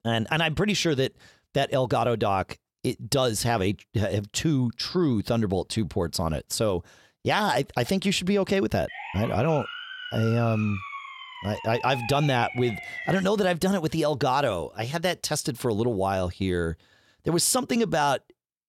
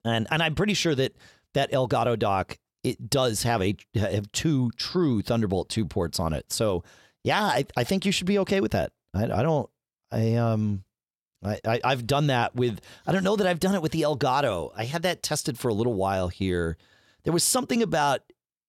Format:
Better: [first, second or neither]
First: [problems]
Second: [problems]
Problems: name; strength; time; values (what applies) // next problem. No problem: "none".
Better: second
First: siren; noticeable; from 9 to 13 s; peak 8 dB below the speech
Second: none